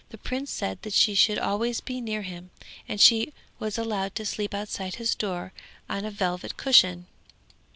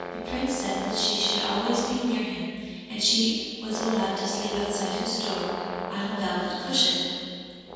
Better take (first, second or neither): first